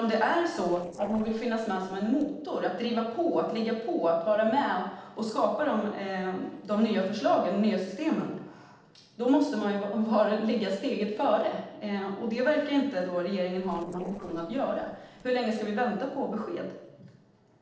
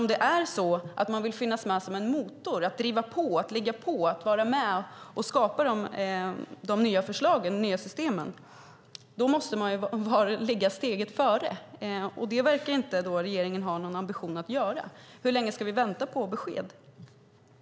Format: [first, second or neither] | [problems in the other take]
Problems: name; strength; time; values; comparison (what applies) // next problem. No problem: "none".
second | noise reduction (neural separator model SepFormer DNS4)